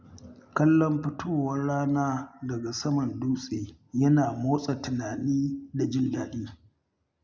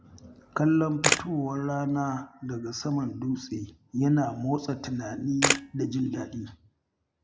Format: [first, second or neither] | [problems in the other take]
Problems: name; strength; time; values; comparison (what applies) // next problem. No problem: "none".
first | background sound (Camera); 2 dB below the speech